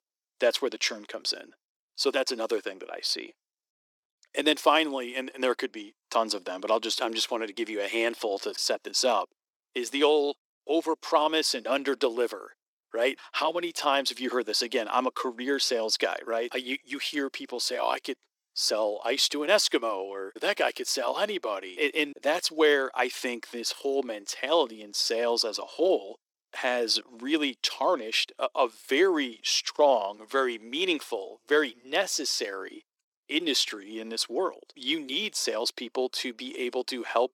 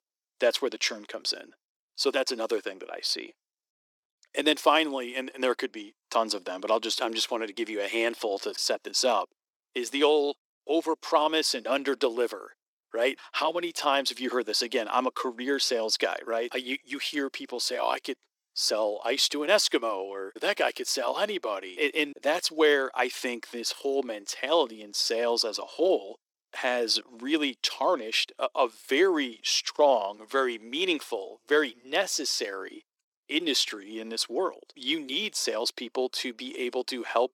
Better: neither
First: thin; very; fading below 300 Hz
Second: thin; very; fading below 300 Hz

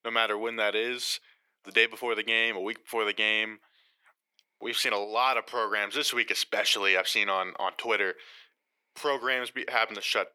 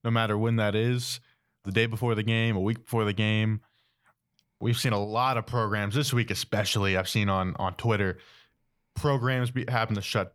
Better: second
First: thin; very; fading below 350 Hz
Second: none

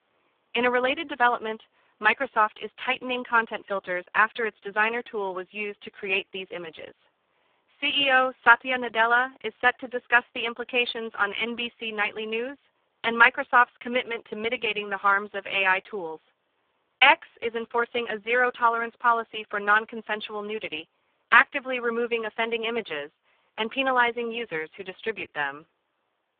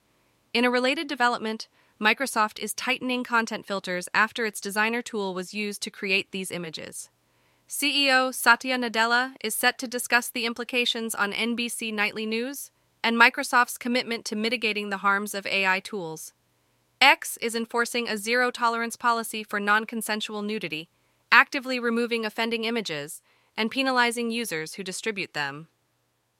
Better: second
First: phone-call audio; poor line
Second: none

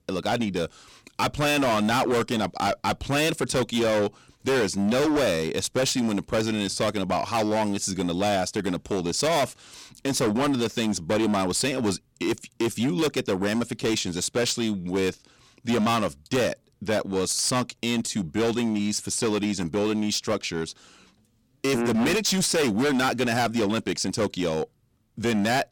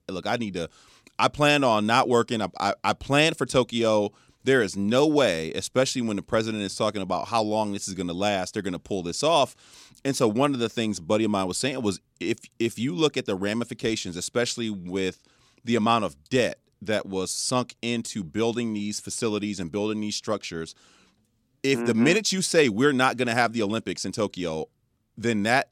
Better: second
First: distortion; heavy; 18% of the sound clipped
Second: none

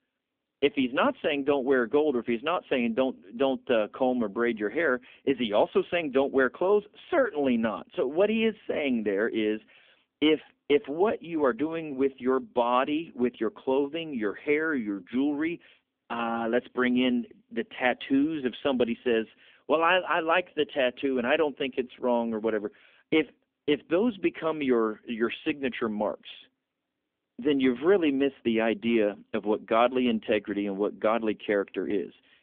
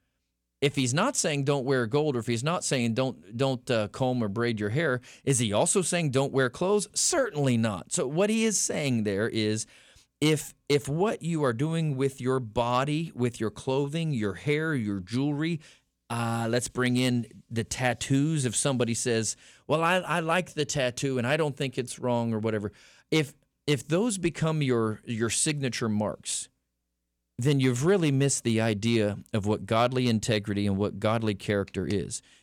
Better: second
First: phone-call audio; nothing above 3.5 kHz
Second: none

